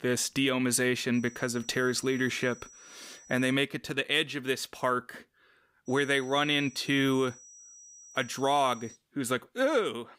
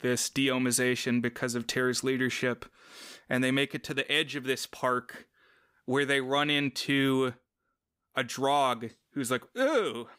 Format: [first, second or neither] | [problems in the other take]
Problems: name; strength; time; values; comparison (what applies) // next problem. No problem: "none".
second | high-pitched whine; faint; from 1 to 3.5 s and from 6 to 9 s; 6 kHz, 20 dB below the speech